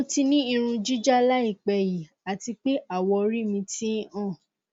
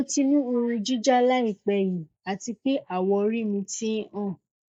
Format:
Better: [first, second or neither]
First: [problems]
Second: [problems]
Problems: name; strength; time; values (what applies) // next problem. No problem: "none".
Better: first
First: none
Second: noise reduction (neural mask model Resemble Enhance denoiser)